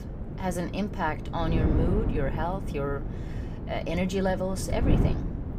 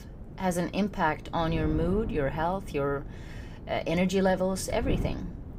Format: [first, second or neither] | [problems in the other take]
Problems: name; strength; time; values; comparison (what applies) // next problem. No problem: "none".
second | wind noise on the microphone; heavy; 7 dB below the speech; occasional gusts in the second